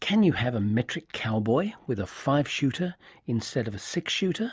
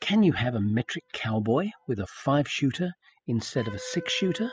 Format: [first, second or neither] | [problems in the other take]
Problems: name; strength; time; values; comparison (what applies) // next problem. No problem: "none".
first | noise reduction (classical method spectral subtraction)